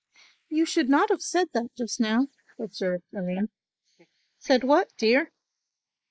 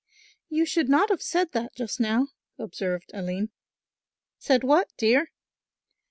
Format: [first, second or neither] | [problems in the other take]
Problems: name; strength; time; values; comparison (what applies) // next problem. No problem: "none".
second | noise reduction (neural mask model Resemble Enhance denoiser)